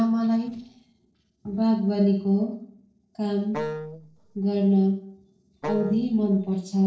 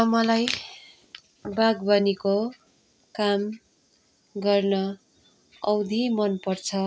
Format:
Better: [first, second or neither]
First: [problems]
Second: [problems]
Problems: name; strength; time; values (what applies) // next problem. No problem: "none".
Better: second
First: noise reduction (neural separator model SepFormer DNS4)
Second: none